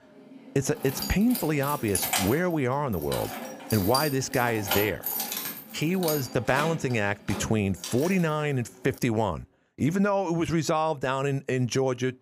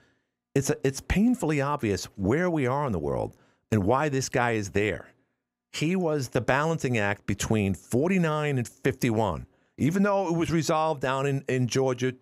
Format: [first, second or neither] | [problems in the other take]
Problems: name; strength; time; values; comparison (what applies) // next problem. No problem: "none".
second | jangling keys; loud; from 1 to 8 s; peak 1 dB above the speech